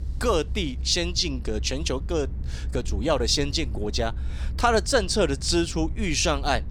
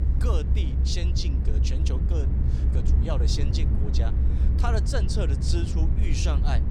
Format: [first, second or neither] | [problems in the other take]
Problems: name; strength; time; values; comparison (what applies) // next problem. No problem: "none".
first | low rumble; loud; throughout; 5 dB below the speech; faint in the first